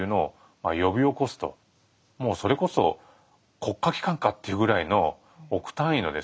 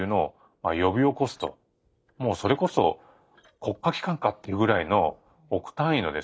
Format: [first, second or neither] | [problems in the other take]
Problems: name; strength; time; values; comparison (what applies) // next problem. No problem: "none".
first | noise reduction (neural mask model DeepFilterNet 3)